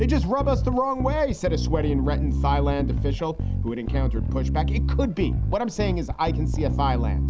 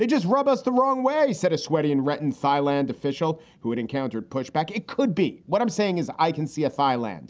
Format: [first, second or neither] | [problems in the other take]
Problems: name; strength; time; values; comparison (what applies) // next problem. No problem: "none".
second | background sound (Bass guitar); 2 dB above the speech